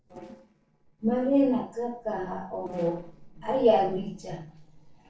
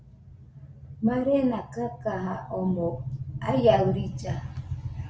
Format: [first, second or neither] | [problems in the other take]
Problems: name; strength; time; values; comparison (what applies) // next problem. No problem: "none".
second | noise reduction (neural separator model SepFormer DNS4)